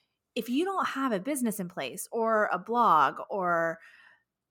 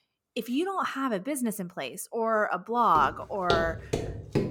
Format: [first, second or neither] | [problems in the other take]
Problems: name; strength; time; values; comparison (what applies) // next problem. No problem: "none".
first | footsteps; noticeable; from 3 s on; peak 2 dB below the speech